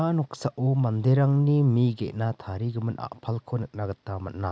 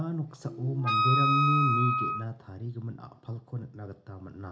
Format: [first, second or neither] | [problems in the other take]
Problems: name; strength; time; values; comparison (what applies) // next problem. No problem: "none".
first | background sound (Wind instrument, woodwind instrument); 4 dB above the speech // room echo; dies away in 0.4 s